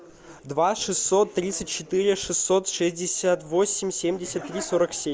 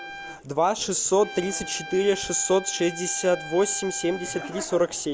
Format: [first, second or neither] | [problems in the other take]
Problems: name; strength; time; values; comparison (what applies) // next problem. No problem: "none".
first | background sound (Trumpet); 14 dB below the speech